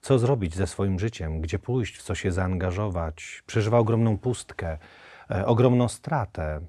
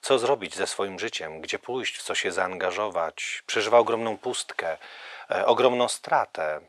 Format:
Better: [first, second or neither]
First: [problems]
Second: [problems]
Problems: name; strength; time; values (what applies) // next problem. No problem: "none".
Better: first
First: none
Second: thin; very; fading below 600 Hz